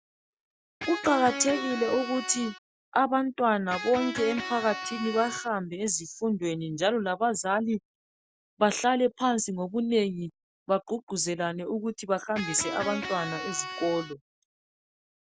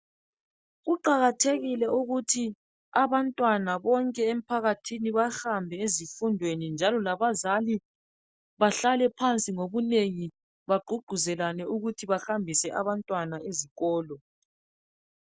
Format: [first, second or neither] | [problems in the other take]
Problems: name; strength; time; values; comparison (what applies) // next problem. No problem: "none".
second | background sound (Electric guitar); 7 dB below the speech